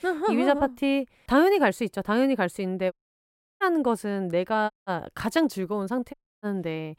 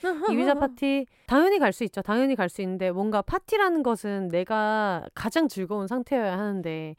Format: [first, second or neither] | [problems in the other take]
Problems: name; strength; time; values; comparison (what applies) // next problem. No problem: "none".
second | audio cutting out; at 3 s for 0.5 s, at 4.5 s and at 6 s